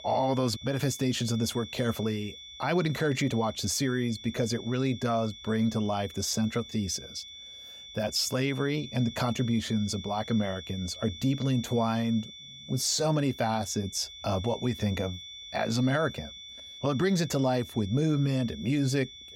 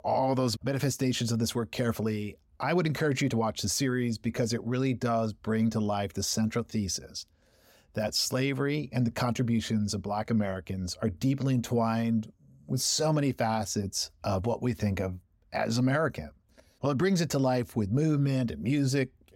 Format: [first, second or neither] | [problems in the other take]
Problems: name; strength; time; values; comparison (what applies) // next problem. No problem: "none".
second | high-pitched whine; noticeable; throughout; 3.5 kHz, 15 dB below the speech